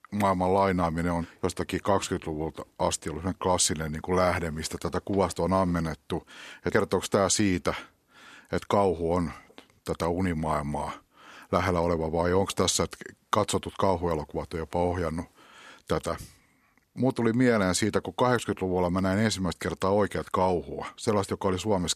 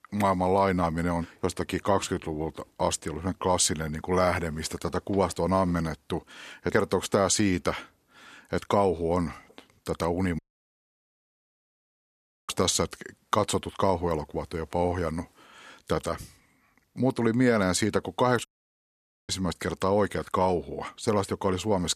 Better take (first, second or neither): first